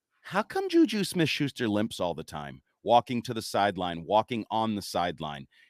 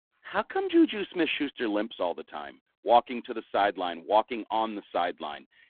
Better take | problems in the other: first | phone-call audio; poor line

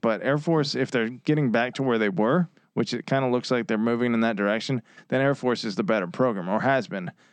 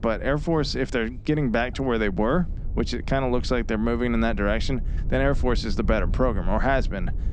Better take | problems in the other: first | low rumble; faint; throughout; 20 dB below the speech

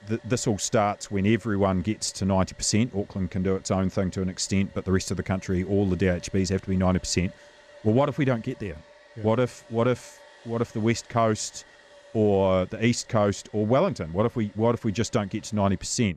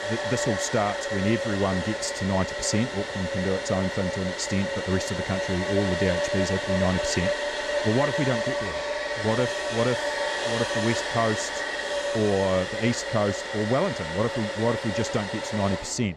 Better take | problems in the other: first | household noises; loud; throughout; 1 dB below the speech; faint in the first

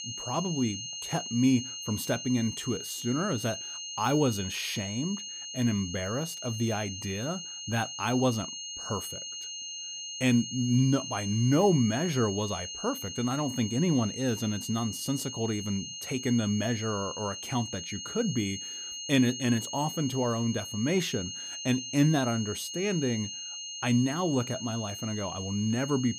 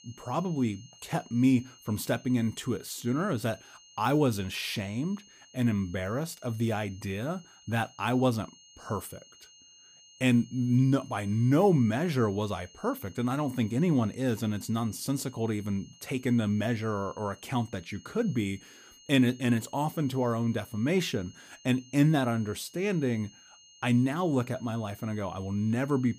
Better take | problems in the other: second | high-pitched whine; loud; throughout; 3 kHz, 7 dB below the speech; faint in the second

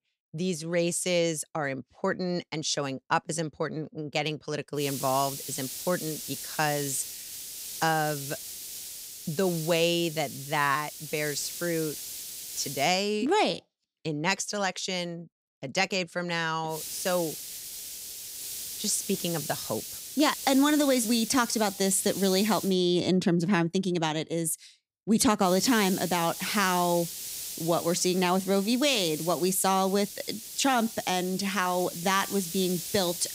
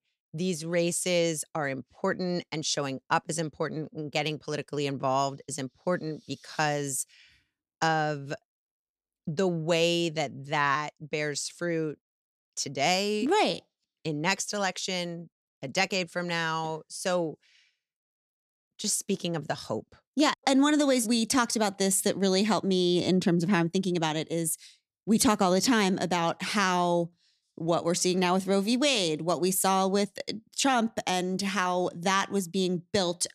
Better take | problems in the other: second | hiss; loud; from 5 to 13 s, from 17 to 23 s and from 25 s on; 8 dB below the speech

